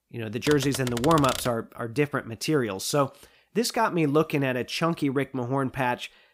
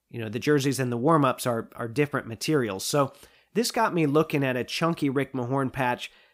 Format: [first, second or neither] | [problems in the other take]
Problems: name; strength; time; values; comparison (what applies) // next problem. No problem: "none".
second | keyboard typing; noticeable; until 1.5 s; peak 5 dB below the speech